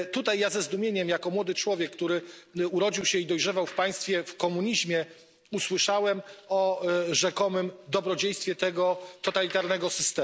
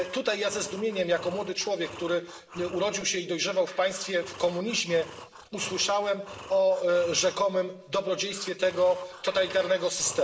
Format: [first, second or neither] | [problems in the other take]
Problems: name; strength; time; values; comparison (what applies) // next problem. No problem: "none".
first | background sound (Breathing); 18 dB below the speech // room echo; dies away in 0.7 s